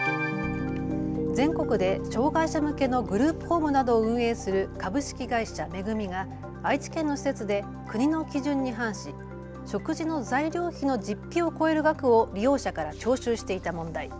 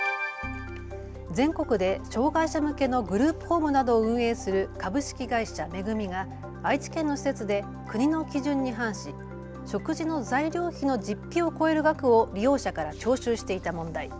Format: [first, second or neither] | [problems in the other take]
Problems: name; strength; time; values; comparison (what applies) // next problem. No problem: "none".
second | background sound (Piano); 10 dB below the speech